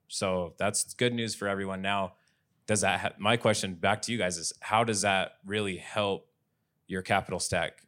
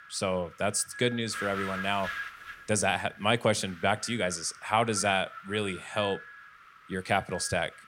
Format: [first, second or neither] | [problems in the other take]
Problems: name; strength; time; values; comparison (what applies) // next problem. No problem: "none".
first | wind noise on the microphone; occasional gusts; 10 dB below the speech